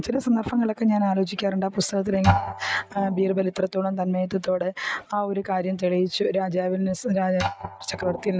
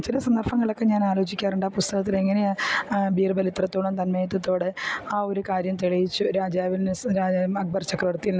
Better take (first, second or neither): second